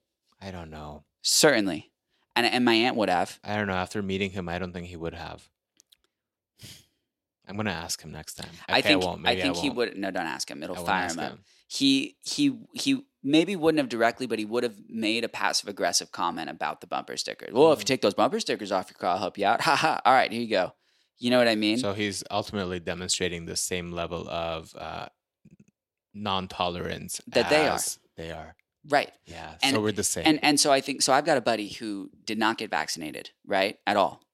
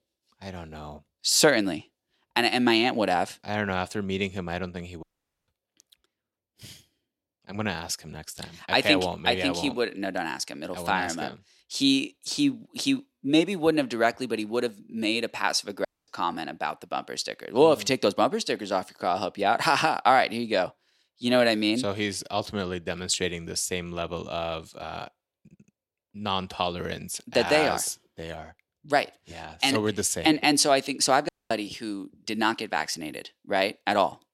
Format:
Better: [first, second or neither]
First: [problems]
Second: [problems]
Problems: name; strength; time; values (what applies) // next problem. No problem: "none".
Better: first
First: none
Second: audio cutting out; at 5 s, at 16 s and at 31 s